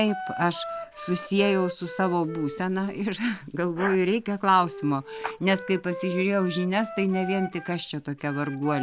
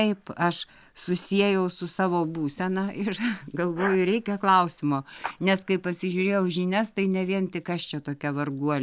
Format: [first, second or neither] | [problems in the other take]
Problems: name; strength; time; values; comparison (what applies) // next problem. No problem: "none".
second | background sound (Wind instrument, woodwind instrument); 12 dB below the speech